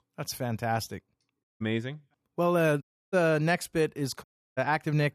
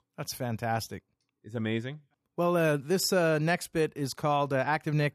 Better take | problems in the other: second | audio cutting out; at 1.5 s, at 3 s and at 4 s

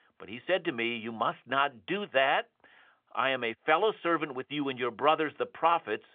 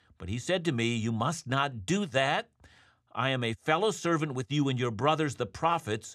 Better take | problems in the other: second | phone-call audio; nothing above 3.5 kHz

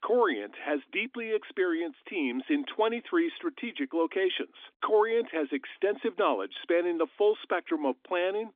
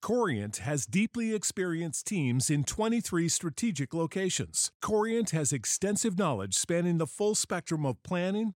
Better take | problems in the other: second | phone-call audio; nothing above 3.5 kHz

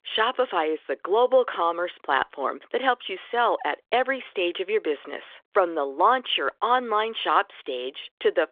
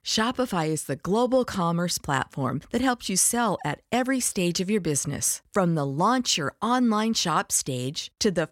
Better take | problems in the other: second | phone-call audio; nothing above 3.5 kHz

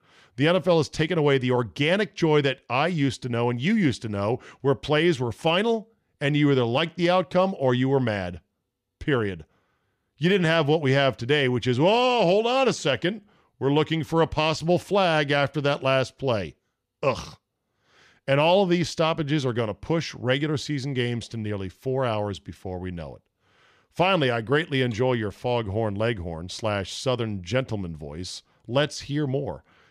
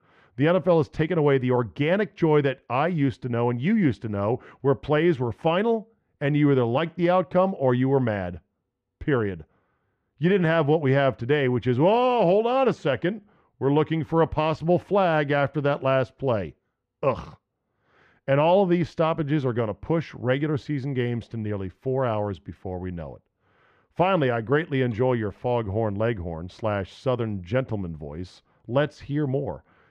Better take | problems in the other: first | muffled; very; fading above 3 kHz

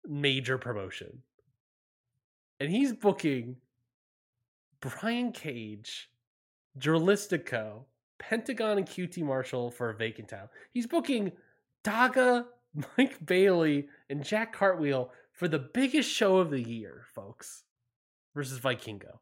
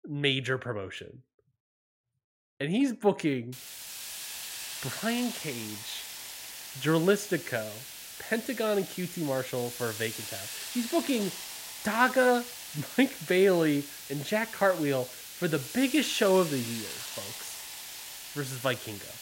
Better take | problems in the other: first | hiss; loud; from 3.5 s on; 10 dB below the speech

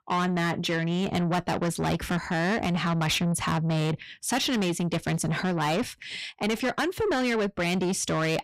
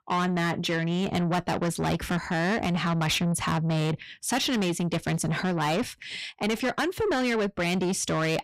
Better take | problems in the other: neither | distortion; heavy; 7 dB below the speech; the same in both

